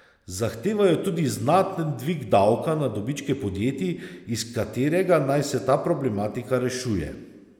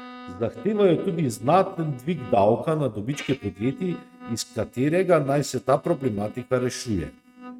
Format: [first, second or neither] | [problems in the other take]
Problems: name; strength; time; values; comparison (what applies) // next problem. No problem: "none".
first | noise reduction (neural mask model RNNoise)